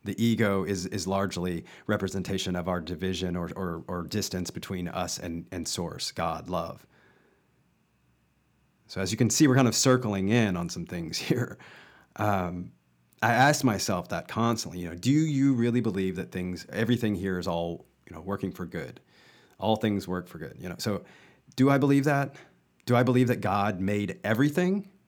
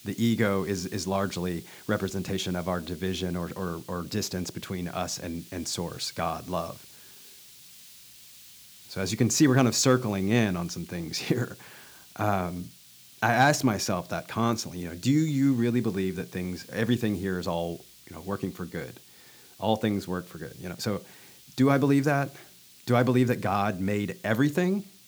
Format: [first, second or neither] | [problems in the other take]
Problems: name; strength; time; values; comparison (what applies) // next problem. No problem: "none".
first | hiss; faint; throughout; 20 dB below the speech